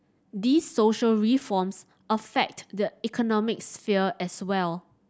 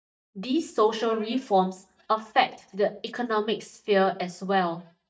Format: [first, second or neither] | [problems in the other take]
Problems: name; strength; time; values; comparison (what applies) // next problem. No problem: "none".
first | noise reduction (neural mask model DeepFilterNet 3)